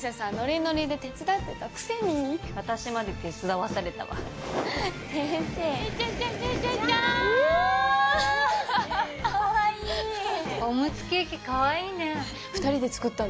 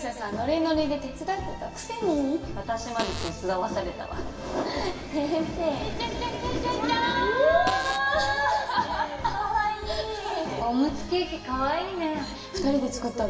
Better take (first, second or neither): first